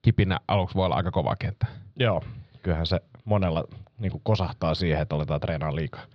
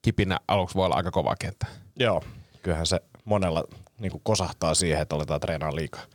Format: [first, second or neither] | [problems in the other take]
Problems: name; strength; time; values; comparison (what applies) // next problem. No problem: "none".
second | muffled; very slightly; fading above 4 kHz